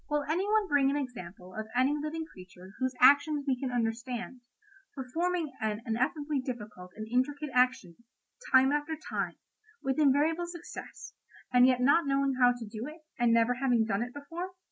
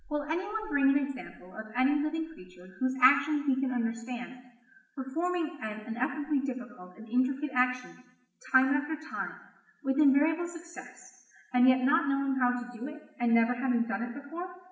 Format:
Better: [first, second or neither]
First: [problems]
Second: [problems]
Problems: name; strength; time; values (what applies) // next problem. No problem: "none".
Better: first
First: none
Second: room echo; dies away in 0.8 s